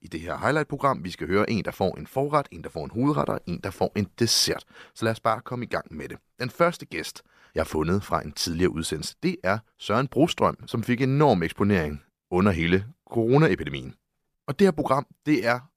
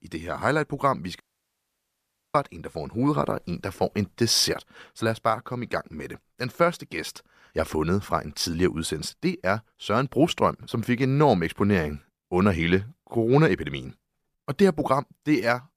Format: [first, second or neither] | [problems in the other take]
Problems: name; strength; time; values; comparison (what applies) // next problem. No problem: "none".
first | audio cutting out; at 1 s for 1 s